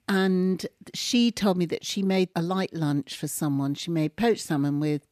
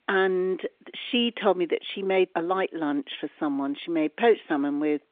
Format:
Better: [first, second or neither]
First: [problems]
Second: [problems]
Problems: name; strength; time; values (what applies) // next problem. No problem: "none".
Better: first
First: none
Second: phone-call audio; nothing above 3 kHz